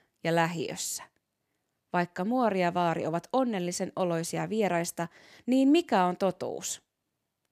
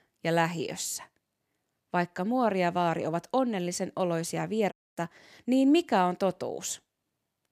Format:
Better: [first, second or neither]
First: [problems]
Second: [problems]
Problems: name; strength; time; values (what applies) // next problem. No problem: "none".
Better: first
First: none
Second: audio cutting out; at 4.5 s